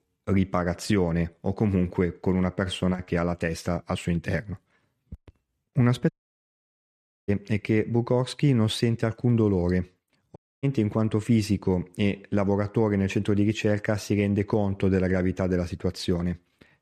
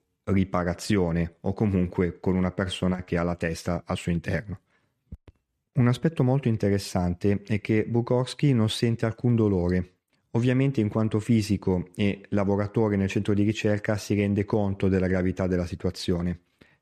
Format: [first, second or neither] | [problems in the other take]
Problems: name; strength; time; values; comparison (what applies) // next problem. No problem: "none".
second | audio cutting out; at 6 s for 1 s and at 10 s